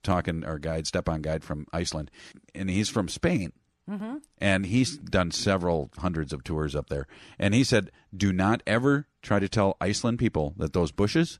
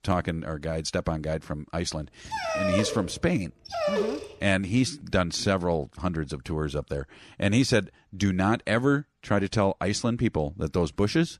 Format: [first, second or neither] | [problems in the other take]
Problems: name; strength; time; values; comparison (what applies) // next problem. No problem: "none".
first | dog barking; loud; from 2.5 to 4.5 s; peak level with the speech